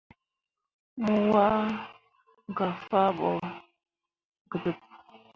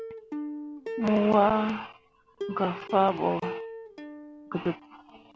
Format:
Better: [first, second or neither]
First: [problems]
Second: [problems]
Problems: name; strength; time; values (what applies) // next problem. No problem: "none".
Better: first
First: none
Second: background sound (Plucked string instrument); 11 dB below the speech